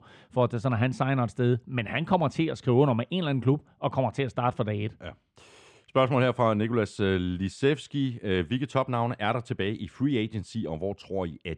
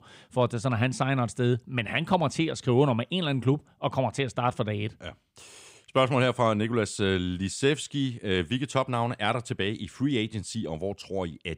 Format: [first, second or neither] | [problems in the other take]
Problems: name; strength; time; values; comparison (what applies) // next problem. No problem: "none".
second | muffled; slightly; fading above 2 kHz